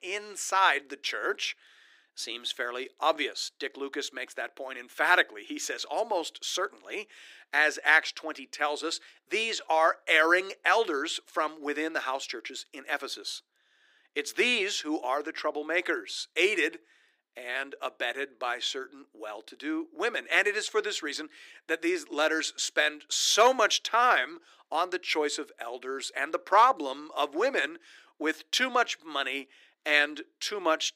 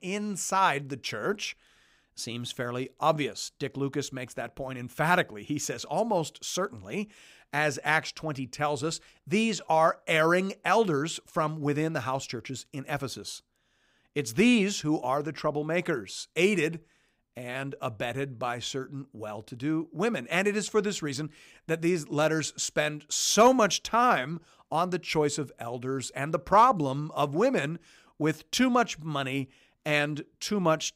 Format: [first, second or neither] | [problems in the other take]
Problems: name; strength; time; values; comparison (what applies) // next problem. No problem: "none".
second | thin; very; fading below 300 Hz